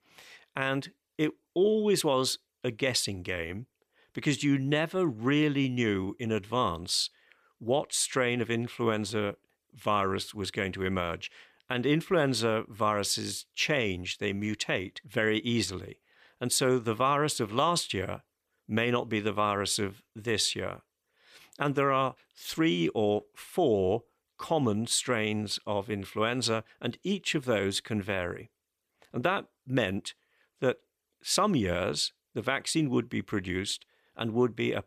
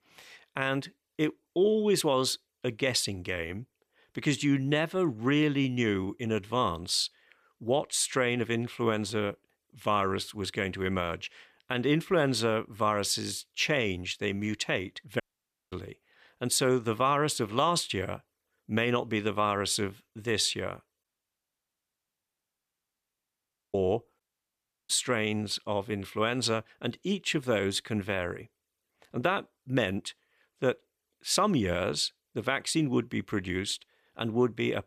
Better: first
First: none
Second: audio cutting out; at 15 s for 0.5 s, at 21 s for 2.5 s and at 24 s for 0.5 s

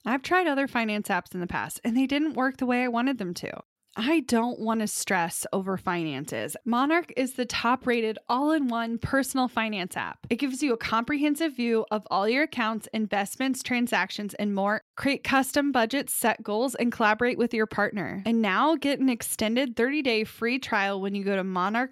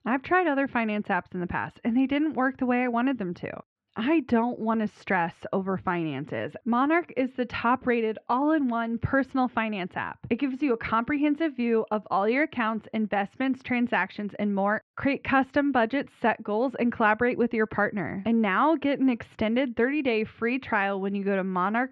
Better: first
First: none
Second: muffled; very; fading above 2.5 kHz

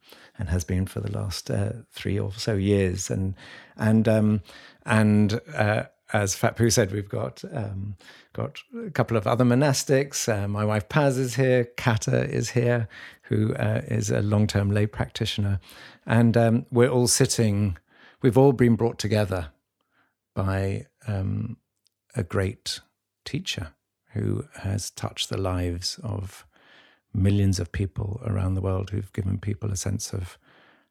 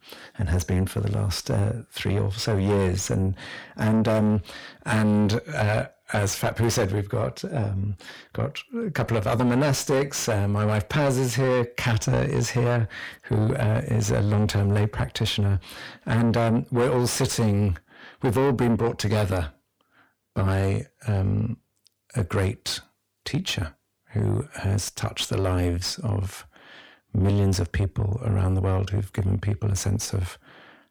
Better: first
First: none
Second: distortion; heavy; 6 dB below the speech

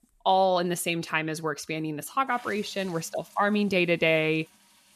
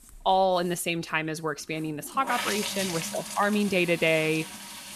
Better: first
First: household noises; faint; throughout; 25 dB below the speech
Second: household noises; loud; throughout; 7 dB below the speech

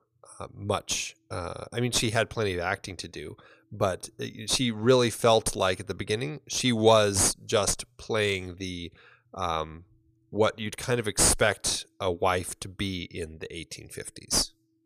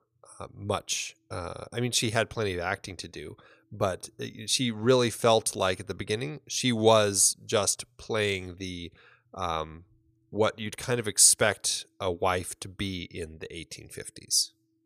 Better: second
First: distortion; slight; 4 dB below the speech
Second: none

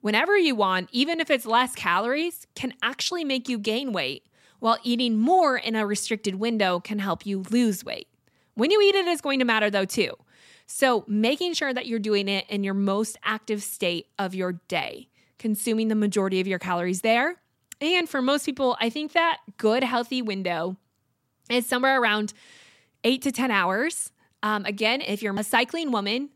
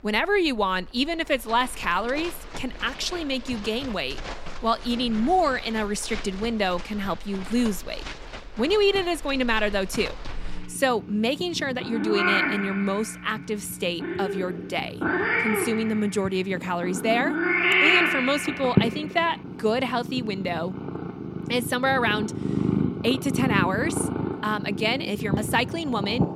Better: first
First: none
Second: animal sounds; loud; throughout; 2 dB below the speech

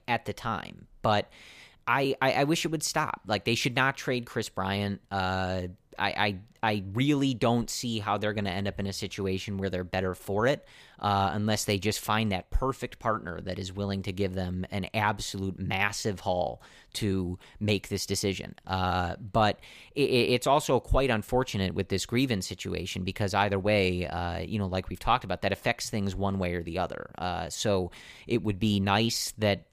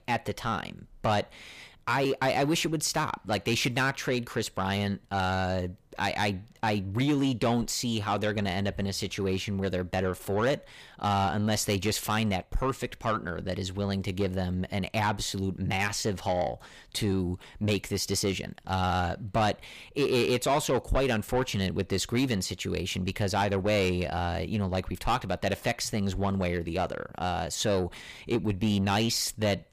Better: first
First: none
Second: distortion; slight; 10 dB below the speech

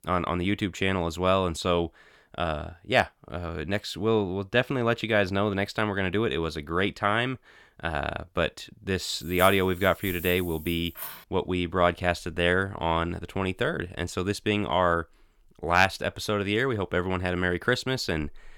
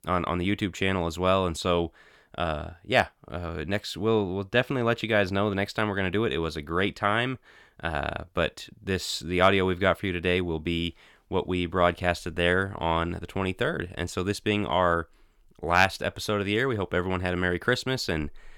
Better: second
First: jangling keys; noticeable; from 9 to 11 s; peak 9 dB below the speech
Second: none

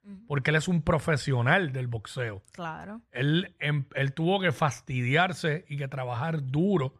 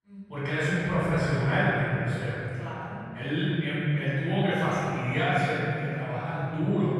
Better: first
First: none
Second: room echo; strong; dies away in 2.8 s // off-mic speech; far

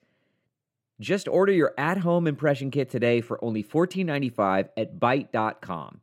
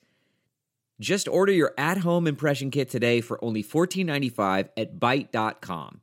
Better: second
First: muffled; slightly; fading above 3.5 kHz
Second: none

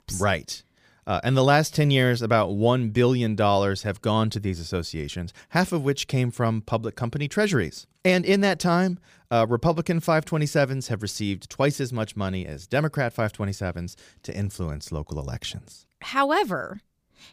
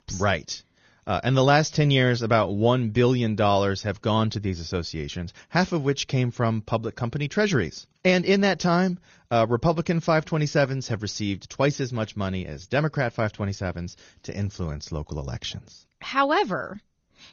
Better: first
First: none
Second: garbled, watery; slightly; nothing above 6.5 kHz

